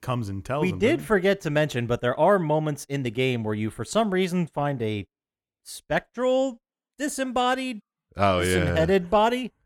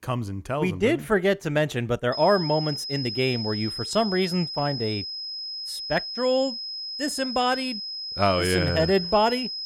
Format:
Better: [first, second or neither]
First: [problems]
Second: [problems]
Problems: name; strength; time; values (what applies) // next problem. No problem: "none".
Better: first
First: none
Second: high-pitched whine; loud; from 2 s on; 5 kHz, 6 dB below the speech